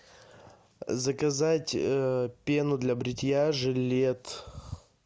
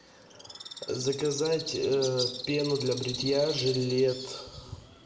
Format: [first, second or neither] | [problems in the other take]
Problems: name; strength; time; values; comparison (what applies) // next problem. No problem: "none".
first | background sound (Bird); 9 dB below the speech // room echo; dies away in 1.3 s